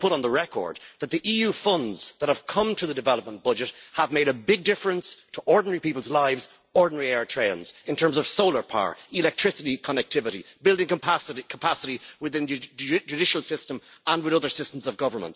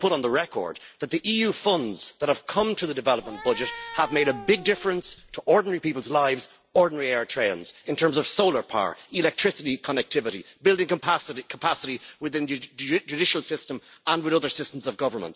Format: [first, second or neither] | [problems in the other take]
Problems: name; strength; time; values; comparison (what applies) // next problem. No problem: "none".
first | background sound (Cat); 14 dB below the speech